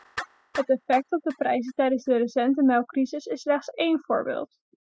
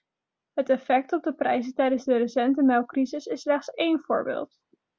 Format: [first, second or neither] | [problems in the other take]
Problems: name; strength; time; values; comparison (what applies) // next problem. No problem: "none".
second | noise reduction (classical method spectral subtraction)